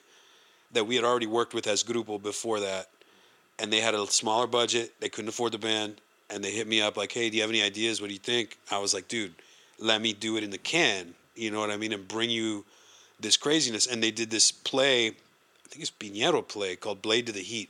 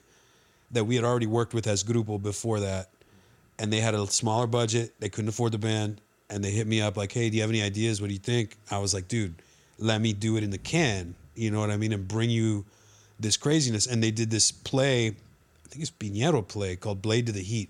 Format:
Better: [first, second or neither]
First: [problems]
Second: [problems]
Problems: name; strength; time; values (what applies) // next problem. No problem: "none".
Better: second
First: thin; somewhat; fading below 350 Hz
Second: none